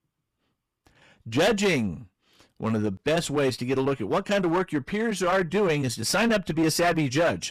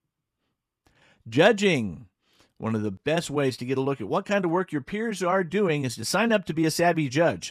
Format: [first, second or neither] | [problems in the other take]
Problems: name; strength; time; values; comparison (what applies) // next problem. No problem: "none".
second | distortion; heavy; 10% of the sound clipped